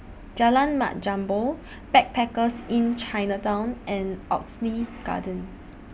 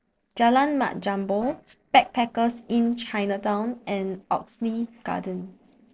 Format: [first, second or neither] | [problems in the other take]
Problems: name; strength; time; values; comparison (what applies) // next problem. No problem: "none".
first | noise reduction (neural separator model SepFormer DNS4)